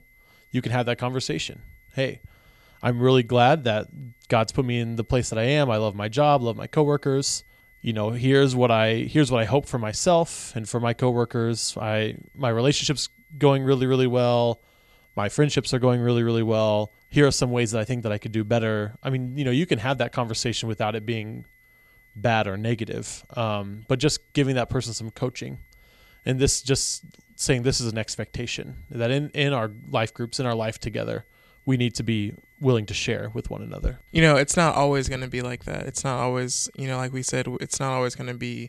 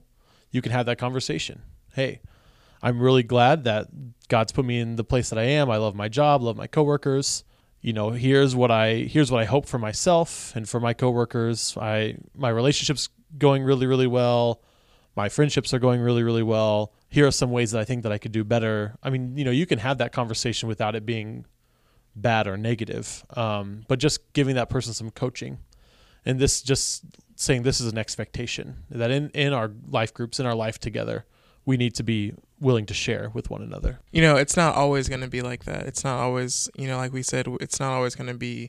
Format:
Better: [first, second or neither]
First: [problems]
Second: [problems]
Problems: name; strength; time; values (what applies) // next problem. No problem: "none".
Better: second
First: high-pitched whine; faint; throughout; 2 kHz, 35 dB below the speech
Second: none